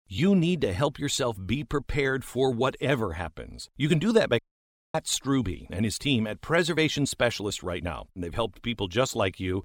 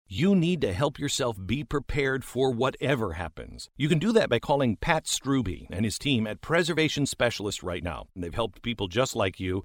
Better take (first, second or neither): second